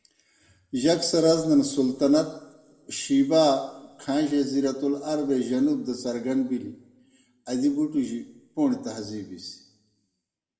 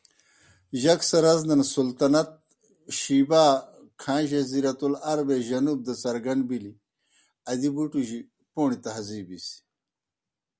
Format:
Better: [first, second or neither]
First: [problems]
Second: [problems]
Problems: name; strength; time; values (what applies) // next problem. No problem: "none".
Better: second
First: room echo; dies away in 0.8 s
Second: none